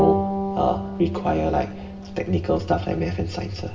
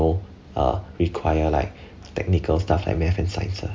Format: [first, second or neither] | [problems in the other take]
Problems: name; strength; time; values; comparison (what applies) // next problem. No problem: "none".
second | background sound (Bowed string instrument); 4 dB below the speech // room echo; dies away in 2.2 s